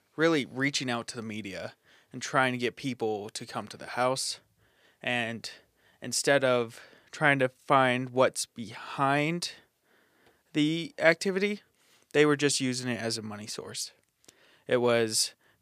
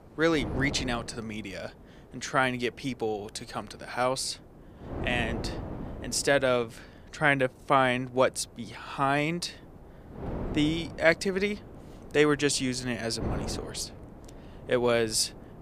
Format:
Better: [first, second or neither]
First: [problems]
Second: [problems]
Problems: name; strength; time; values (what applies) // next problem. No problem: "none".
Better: first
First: none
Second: wind noise on the microphone; occasional gusts; 15 dB below the speech